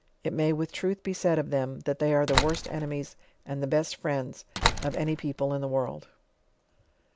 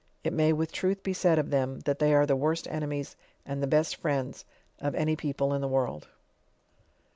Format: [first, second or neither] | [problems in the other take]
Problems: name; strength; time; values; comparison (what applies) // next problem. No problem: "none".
second | background sound (Slam); 3 dB below the speech